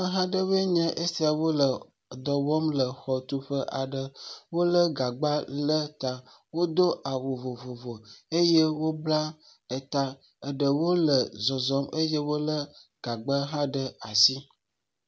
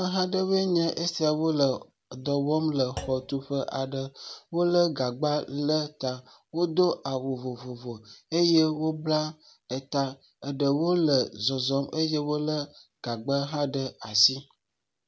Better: first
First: none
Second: background sound (Thump, thud); 18 dB below the speech

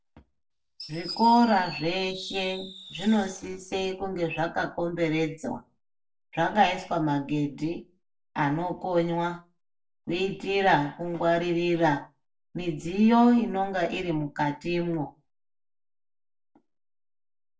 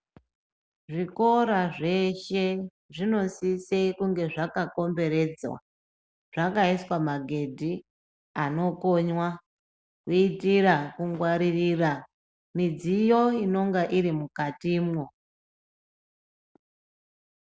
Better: second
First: background sound (Fireworks); 15 dB below the speech // room echo; dies away in 0.2 s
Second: none

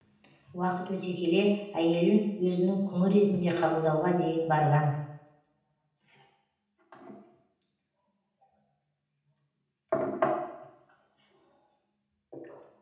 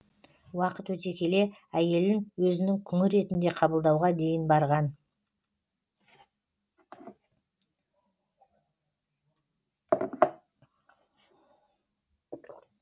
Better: second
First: room echo; dies away in 0.9 s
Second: none

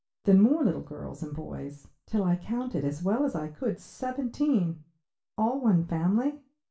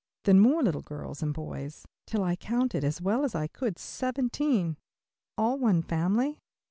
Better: second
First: room echo; dies away in 0.3 s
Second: none

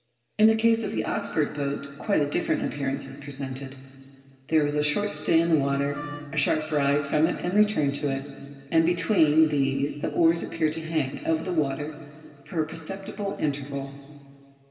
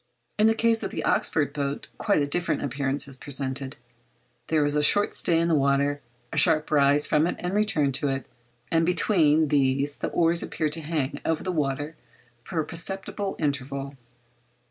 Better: second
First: background sound (Wind instrument, woodwind instrument); 15 dB below the speech // room echo; dies away in 2.4 s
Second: none

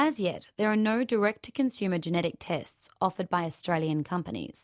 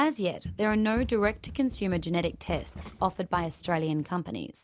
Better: first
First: none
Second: background sound (Run); 13 dB below the speech

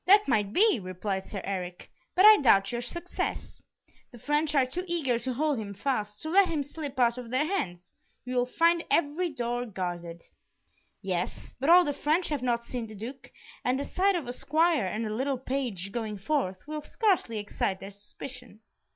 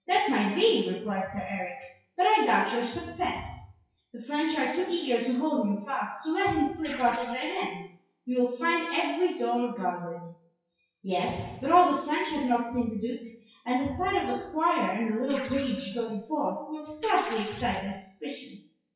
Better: first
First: none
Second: noise reduction (classical method WPE with log-MMSE)

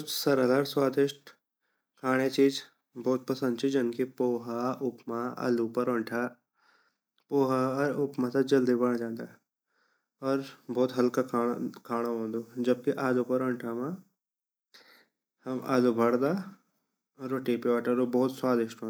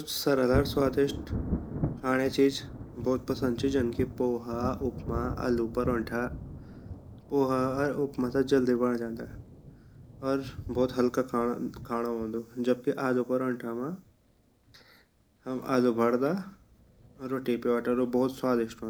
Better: first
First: none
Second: background sound (Thunder); 10 dB below the speech

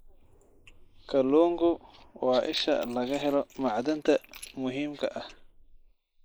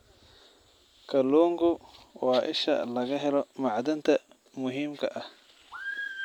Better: second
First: noise reduction (neural mask model Resemble Enhance denoiser)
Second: none

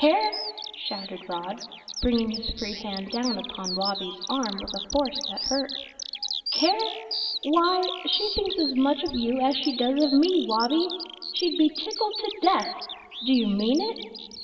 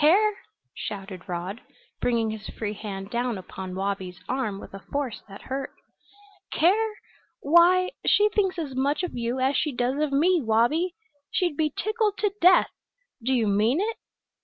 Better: second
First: background sound (Bird vocalization, bird call, bird song); 8 dB below the speech // room echo; dies away in 2.4 s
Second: none

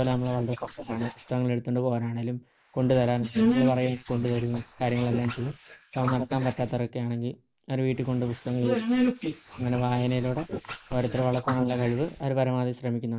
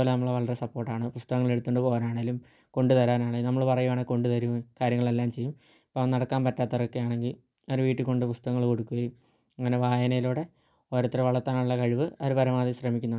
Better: second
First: noise reduction (neural mask model Resemble Enhance denoiser)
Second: none

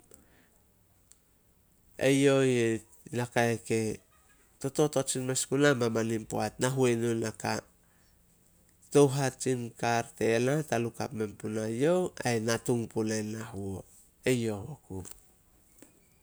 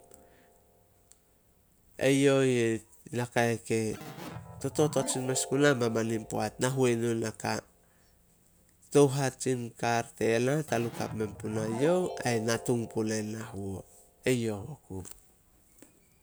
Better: first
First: none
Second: background sound (Keyboard (musical)); 17 dB below the speech

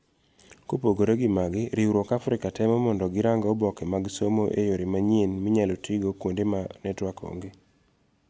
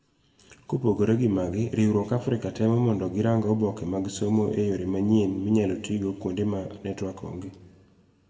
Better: first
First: none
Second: room echo; dies away in 1.2 s

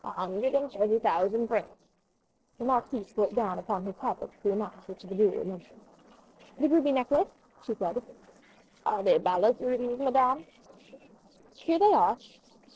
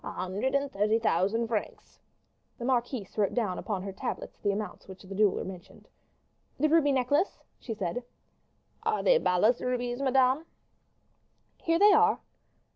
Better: second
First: noise reduction (neural separator model SepFormer DNS4)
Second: none

